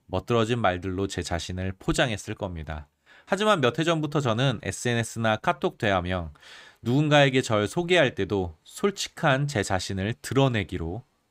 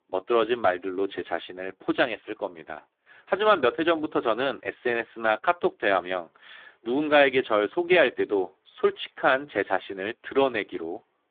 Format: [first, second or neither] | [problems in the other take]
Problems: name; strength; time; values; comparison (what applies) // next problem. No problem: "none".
first | phone-call audio; poor line